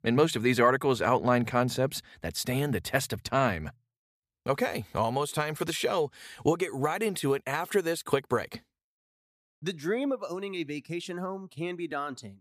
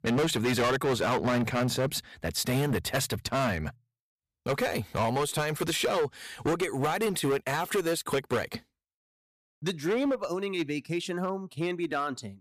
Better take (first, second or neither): first